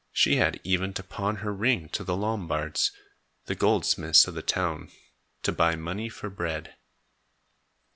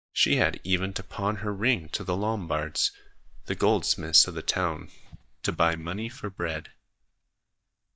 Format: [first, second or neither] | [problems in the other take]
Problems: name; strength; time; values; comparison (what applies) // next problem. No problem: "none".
first | noise reduction (neural mask model DeepFilterNet 3)